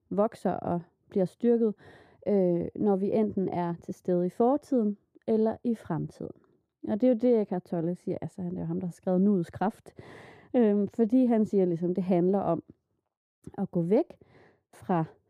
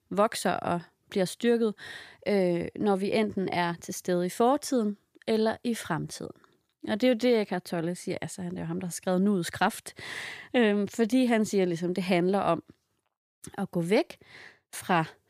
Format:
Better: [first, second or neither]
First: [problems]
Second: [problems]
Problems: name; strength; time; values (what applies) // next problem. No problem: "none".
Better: second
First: muffled; very; fading above 1 kHz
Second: none